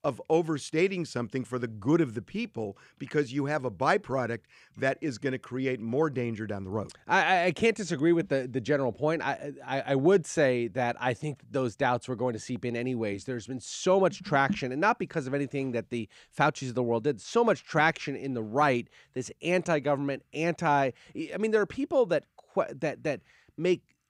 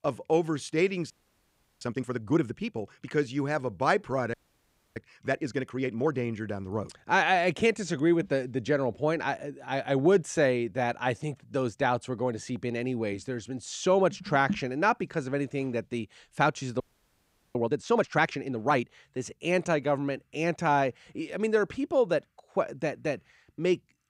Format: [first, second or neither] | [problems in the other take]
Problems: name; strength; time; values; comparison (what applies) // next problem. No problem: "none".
first | audio freezing; at 1 s for 0.5 s, at 4.5 s for 0.5 s and at 17 s for 1 s